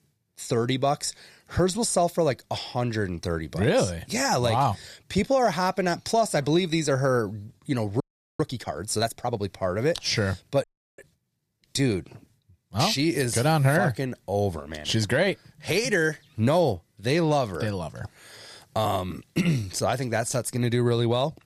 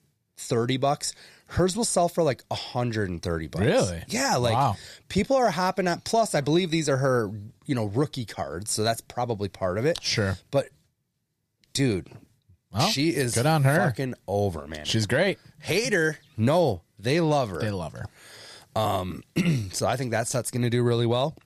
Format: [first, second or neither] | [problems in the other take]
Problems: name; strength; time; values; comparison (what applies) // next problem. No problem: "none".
second | audio freezing; at 8 s and at 11 s